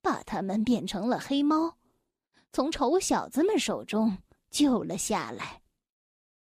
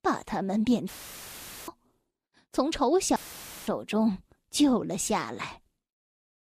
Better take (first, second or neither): first